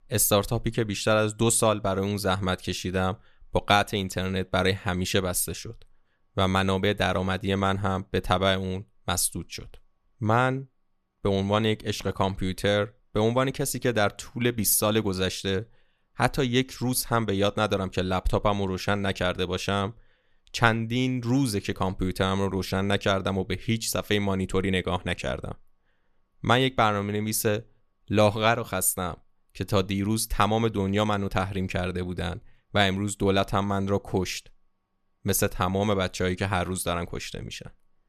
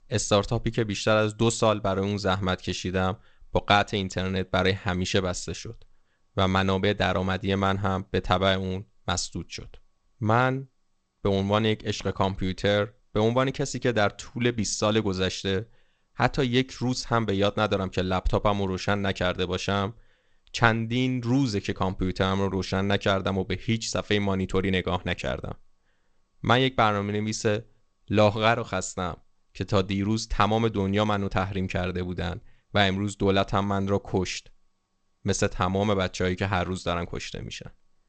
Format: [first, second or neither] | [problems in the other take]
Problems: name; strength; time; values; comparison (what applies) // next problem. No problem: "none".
first | garbled, watery; slightly; nothing above 8 kHz